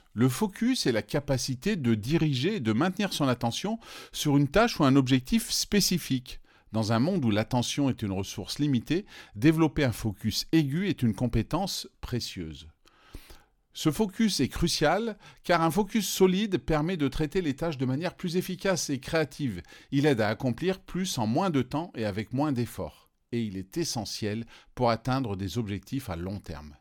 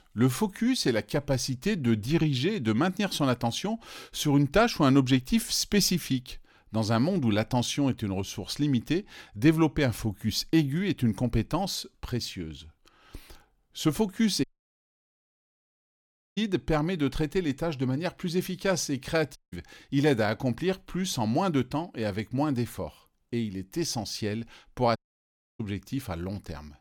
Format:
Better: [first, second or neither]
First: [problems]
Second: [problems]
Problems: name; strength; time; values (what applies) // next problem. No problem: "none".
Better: first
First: none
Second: audio cutting out; at 14 s for 2 s, at 19 s and at 25 s for 0.5 s